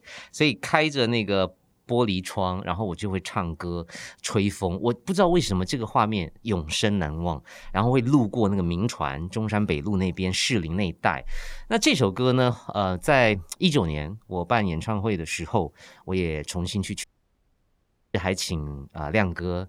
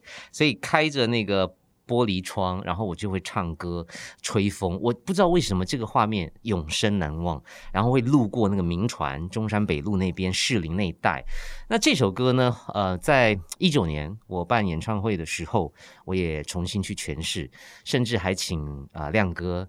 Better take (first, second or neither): second